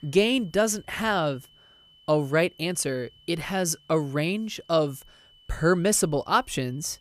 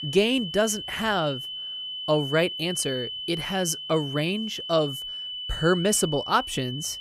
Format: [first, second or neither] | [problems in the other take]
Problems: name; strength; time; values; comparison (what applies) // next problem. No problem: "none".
first | high-pitched whine; loud; throughout; 3 kHz, 7 dB below the speech; faint in the first